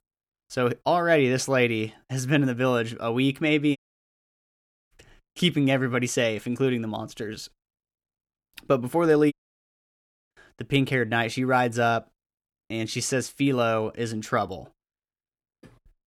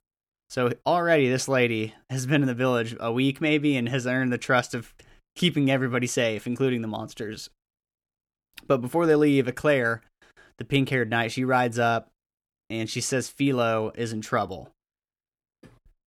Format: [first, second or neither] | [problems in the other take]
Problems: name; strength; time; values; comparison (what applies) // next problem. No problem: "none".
second | audio cutting out; at 4 s for 1 s and at 9.5 s for 1 s